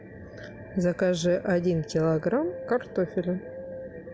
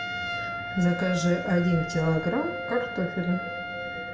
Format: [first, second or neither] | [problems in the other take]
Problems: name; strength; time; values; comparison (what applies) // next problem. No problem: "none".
first | background sound (Trumpet); 7 dB below the speech // room echo; dies away in 0.6 s